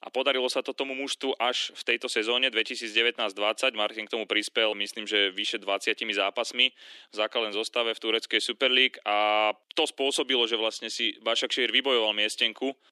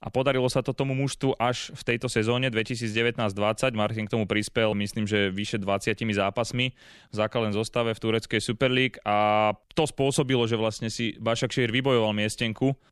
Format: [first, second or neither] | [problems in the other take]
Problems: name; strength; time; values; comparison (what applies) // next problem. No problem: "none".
second | thin; somewhat; fading below 300 Hz